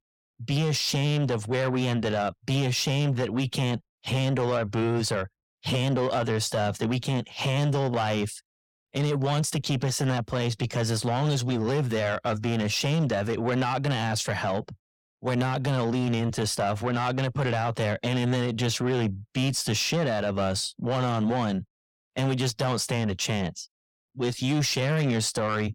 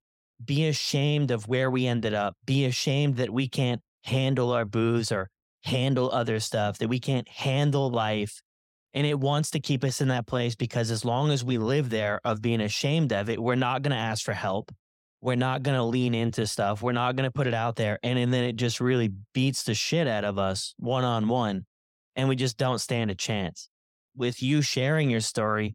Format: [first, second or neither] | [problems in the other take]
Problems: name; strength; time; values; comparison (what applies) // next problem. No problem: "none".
second | distortion; slight; 10 dB below the speech